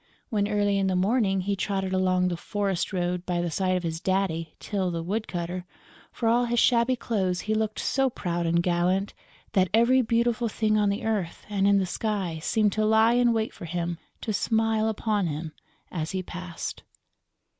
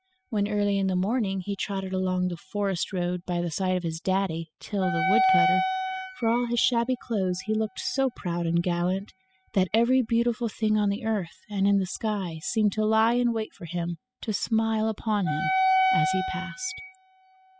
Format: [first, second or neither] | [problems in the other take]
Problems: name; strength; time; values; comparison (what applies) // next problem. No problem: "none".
first | noise reduction (classical method spectral subtraction)